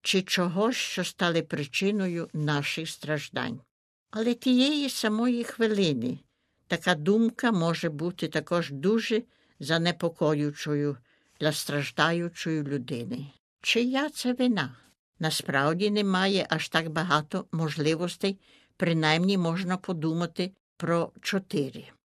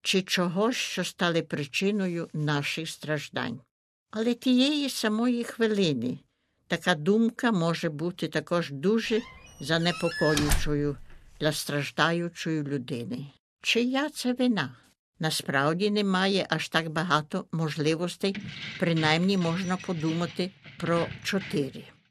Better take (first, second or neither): first